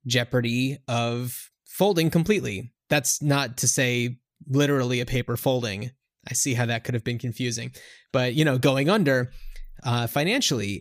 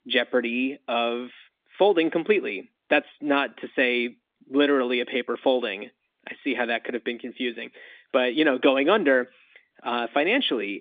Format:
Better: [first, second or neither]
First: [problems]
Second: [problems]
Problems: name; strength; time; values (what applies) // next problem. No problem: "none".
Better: first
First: none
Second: phone-call audio; nothing above 3.5 kHz